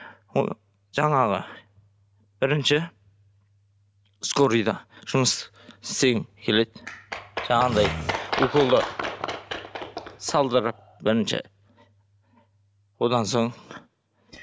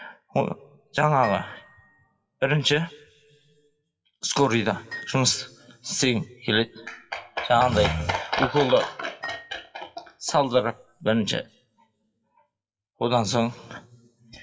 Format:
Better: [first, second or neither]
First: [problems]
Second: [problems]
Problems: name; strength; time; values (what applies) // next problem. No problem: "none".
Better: first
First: none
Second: noise reduction (classical method WPE with log-MMSE)